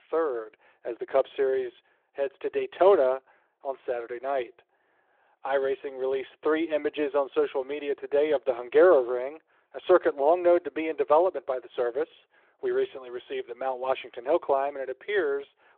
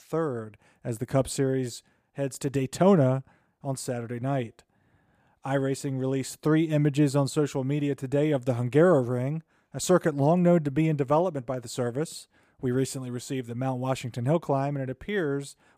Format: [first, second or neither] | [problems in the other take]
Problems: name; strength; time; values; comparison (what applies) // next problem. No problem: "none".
second | phone-call audio